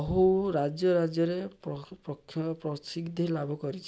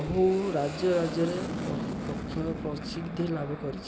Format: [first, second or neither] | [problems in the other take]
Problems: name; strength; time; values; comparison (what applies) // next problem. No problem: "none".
first | background sound (Aircraft); 6 dB below the speech